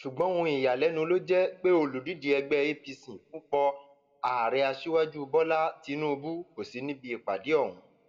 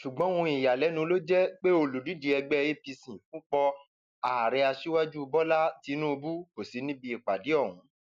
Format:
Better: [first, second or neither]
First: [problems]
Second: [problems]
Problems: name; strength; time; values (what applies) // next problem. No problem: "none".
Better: second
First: room echo; dies away in 0.8 s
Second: none